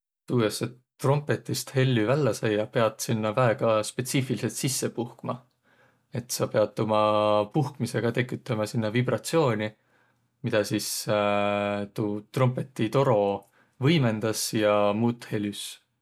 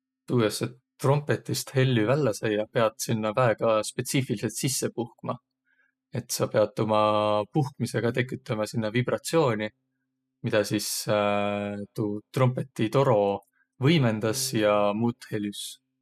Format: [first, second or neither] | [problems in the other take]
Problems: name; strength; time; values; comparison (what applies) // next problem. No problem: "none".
first | noise reduction (classical method spectral subtraction)